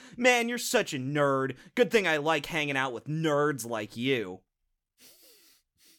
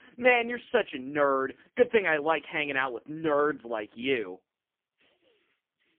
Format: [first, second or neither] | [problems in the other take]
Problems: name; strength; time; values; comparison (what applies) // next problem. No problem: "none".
first | phone-call audio; poor line; nothing above 3 kHz